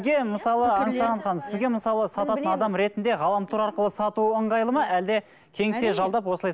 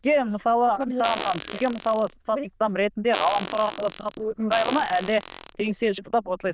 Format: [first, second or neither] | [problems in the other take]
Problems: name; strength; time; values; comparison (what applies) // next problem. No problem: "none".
first | noise reduction (neural diffusion model UNIVERSE++)